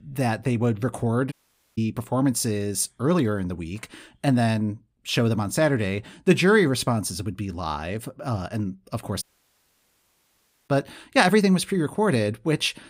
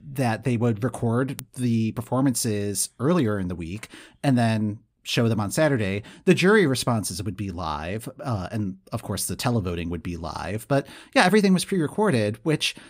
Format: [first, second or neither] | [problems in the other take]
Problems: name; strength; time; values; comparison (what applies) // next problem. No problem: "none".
second | audio cutting out; at 1.5 s and at 9 s for 1.5 s